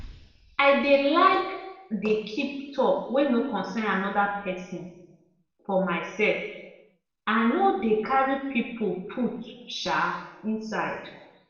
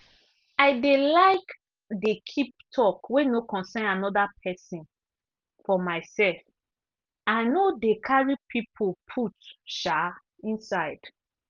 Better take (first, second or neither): second